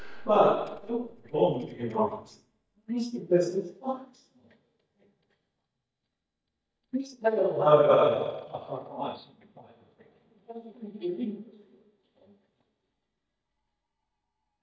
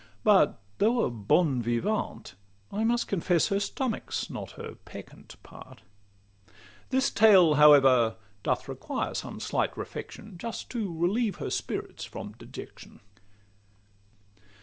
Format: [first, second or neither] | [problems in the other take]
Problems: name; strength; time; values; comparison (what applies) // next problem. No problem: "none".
second | noise reduction (neural mask model DeepFilterNet 3)